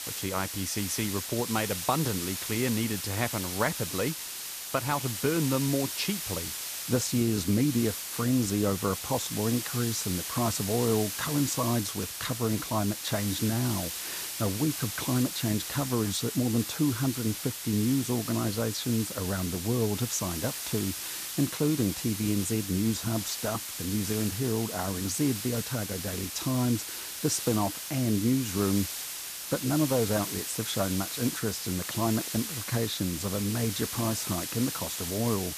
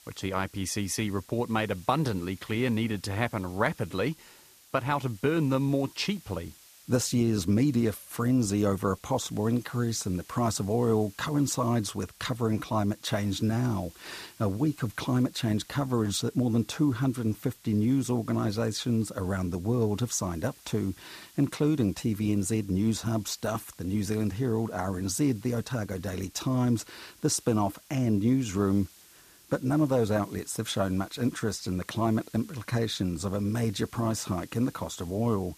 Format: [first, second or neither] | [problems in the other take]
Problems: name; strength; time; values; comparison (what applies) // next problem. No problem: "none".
second | hiss; loud; throughout; 4 dB below the speech; faint in the second